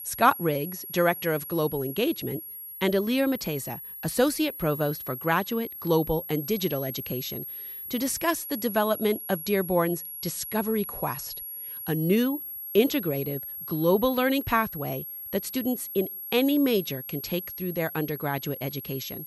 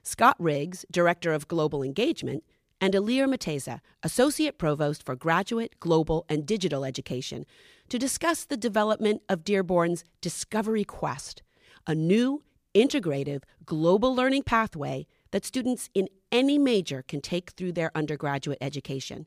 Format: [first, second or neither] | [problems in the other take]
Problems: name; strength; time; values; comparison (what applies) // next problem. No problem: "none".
second | high-pitched whine; loud; throughout; 11.5 kHz, 8 dB below the speech